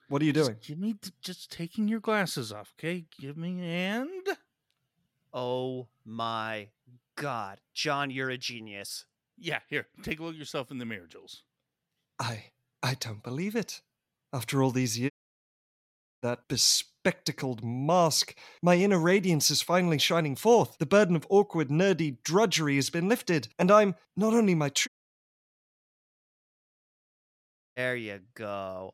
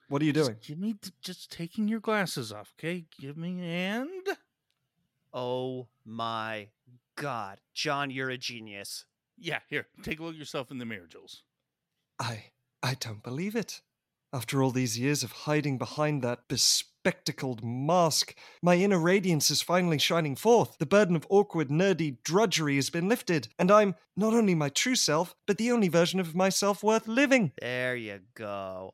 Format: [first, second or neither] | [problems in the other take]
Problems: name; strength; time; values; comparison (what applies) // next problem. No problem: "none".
second | audio cutting out; at 15 s for 1 s and at 25 s for 3 s